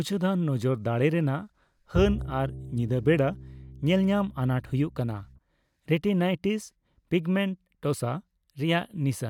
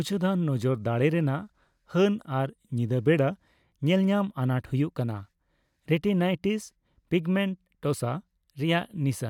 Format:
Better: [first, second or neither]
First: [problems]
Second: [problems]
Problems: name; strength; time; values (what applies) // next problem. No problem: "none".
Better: second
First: background sound (Bowed string instrument); 10 dB below the speech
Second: none